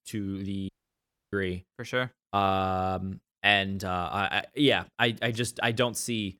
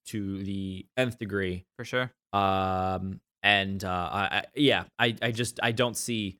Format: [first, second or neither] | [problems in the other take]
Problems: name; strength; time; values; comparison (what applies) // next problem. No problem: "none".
second | audio cutting out; at 0.5 s for 0.5 s